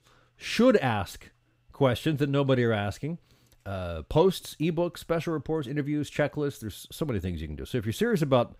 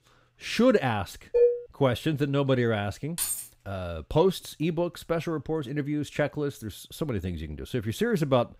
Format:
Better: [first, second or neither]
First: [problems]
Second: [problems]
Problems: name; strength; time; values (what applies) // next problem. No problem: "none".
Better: first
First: none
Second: clattering dishes; loud; at 1.5 s; peak 5 dB above the speech // jangling keys; noticeable; at 3 s; peak 1 dB below the speech